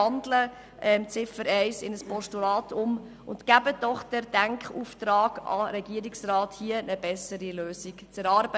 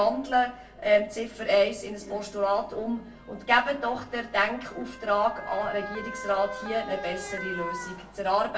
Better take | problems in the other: first | background sound (Motor vehicle (road) / Siren); 14 dB below the speech // room echo; dies away in 0.3 s

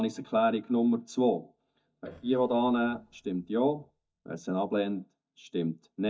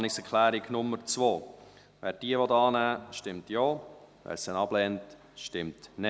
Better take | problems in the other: second | noise reduction (neural mask model DeepFilterNet 3)

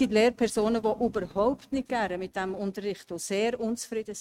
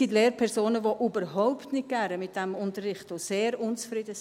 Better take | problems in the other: second | noise reduction (neural mask model RNNoise)

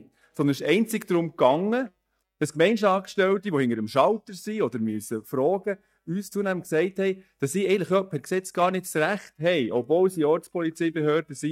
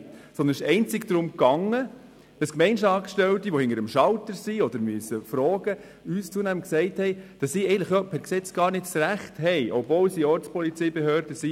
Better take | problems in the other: second | noise reduction (neural mask model DeepFilterNet 3)

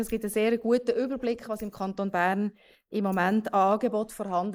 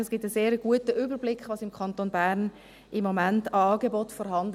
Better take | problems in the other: second | noise reduction (neural mask model Resemble Enhance denoiser)

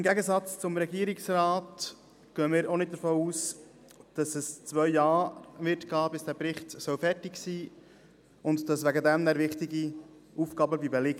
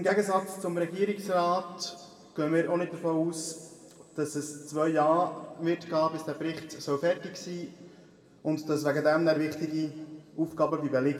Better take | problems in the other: first | room echo; dies away in 1.6 s

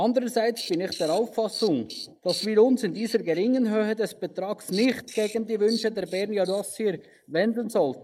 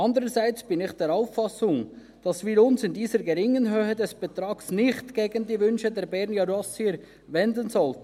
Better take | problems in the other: second | noise reduction (neural mask model Resemble Enhance denoiser)

